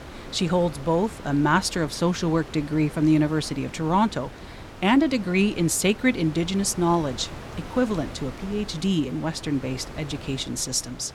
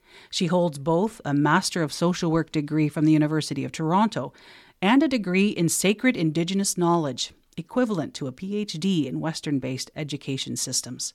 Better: second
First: wind noise on the microphone; occasional gusts; 15 dB below the speech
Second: none

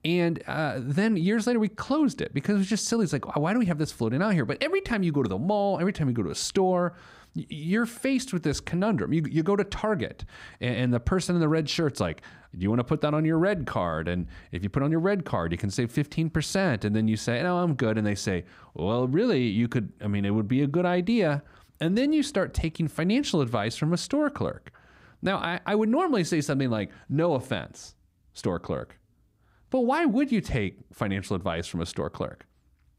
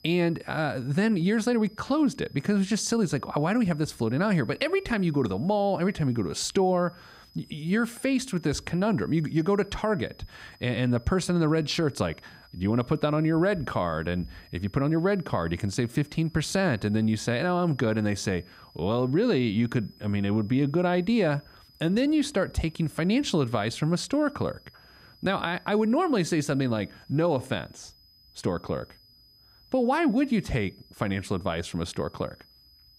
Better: first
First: none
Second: high-pitched whine; faint; throughout; 5 kHz, 30 dB below the speech

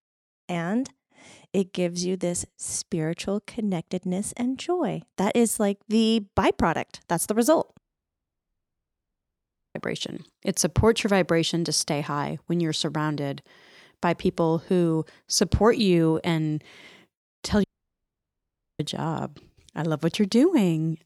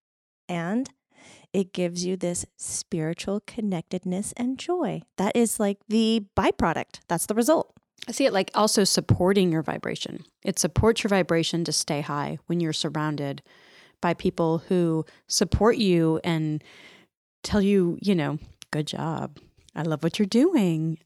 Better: second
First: audio cutting out; at 8 s for 2 s and at 18 s for 1 s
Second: none

